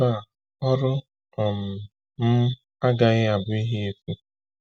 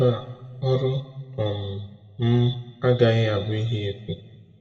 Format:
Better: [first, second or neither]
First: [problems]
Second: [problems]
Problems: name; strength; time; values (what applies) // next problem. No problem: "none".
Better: first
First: none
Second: room echo; dies away in 1 s